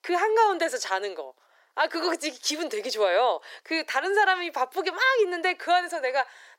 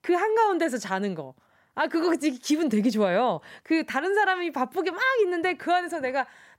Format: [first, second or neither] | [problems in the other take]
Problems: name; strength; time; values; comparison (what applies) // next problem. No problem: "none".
second | thin; very; fading below 400 Hz